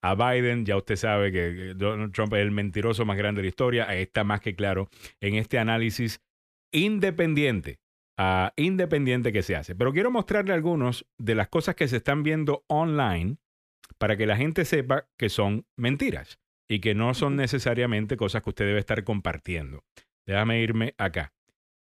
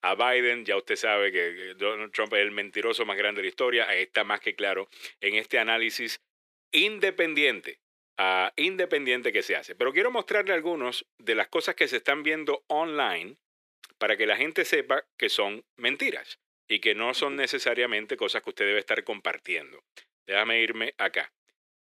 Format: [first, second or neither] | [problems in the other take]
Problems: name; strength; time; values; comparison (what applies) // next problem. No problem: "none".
first | thin; very; fading below 350 Hz